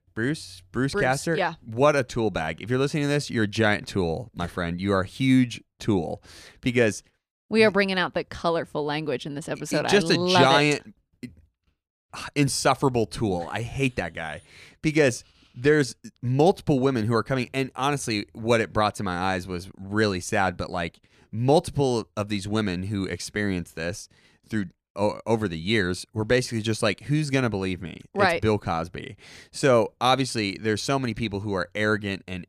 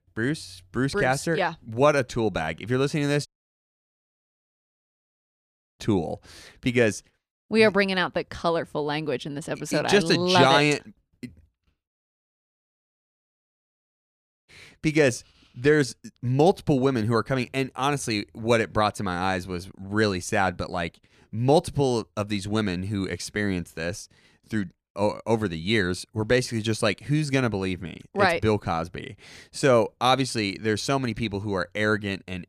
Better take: first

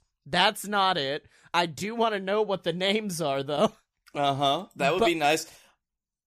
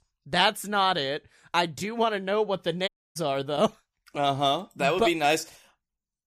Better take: first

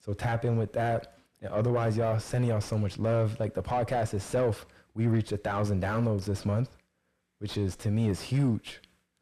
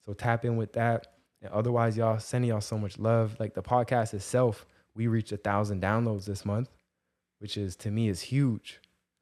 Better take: second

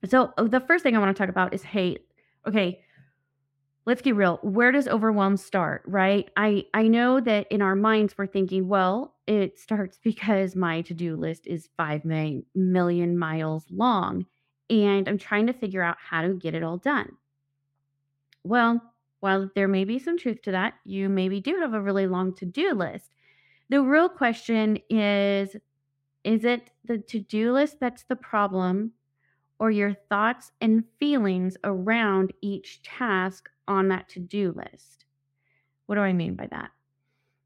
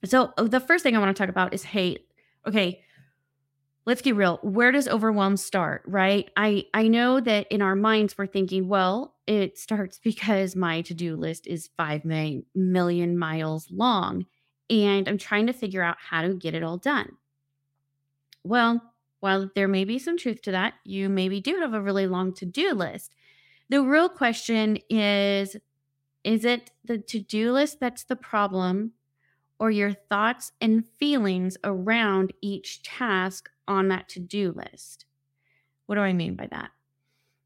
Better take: second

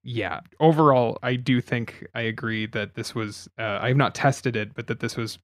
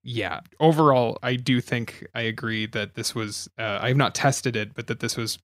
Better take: second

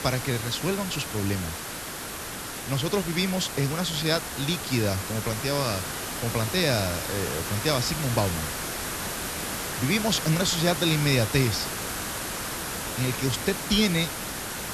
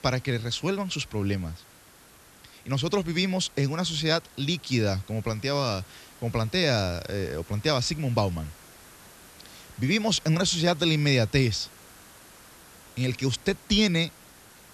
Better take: second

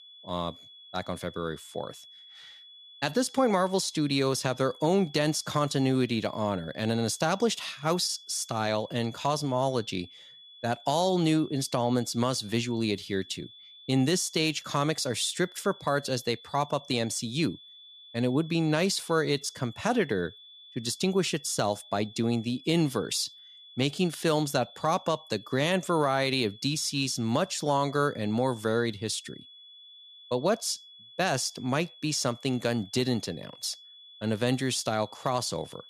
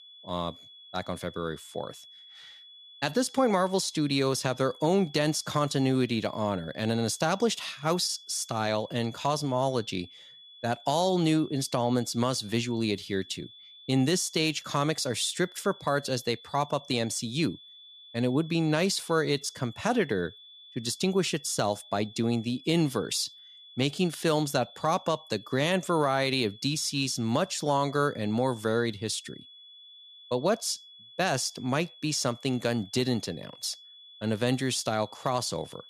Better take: neither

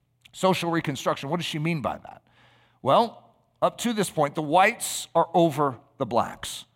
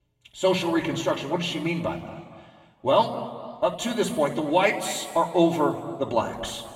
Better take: first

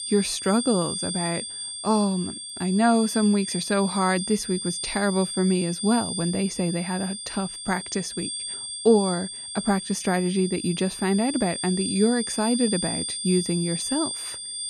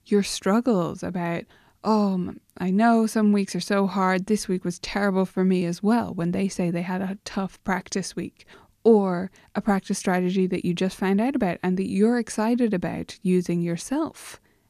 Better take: second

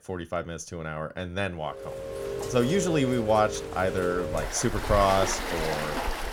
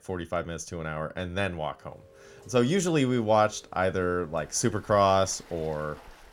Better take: second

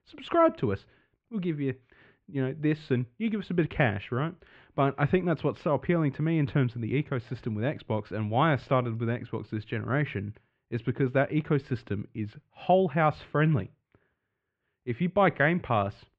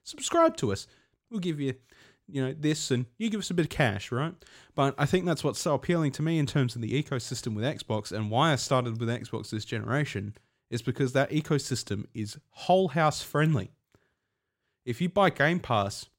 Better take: second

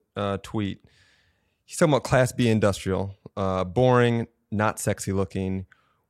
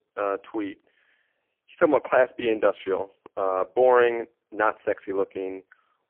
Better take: first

